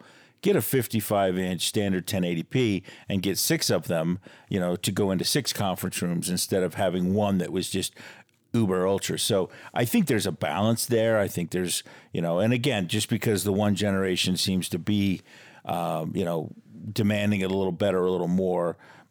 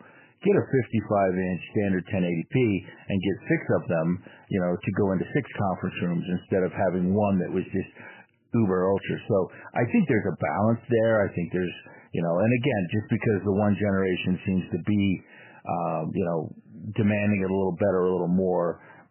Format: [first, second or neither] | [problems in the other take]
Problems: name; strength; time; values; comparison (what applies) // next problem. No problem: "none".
first | garbled, watery; badly; nothing above 3 kHz